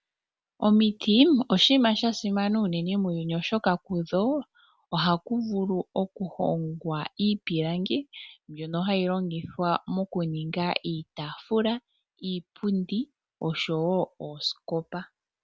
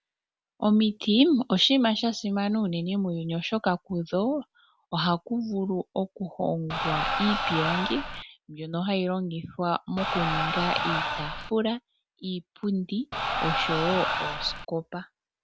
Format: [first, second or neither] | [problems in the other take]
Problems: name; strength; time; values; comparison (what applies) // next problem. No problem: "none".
first | background sound (Crowd); 1 dB below the speech